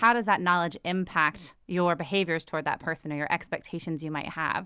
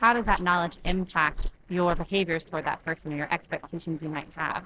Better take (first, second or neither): first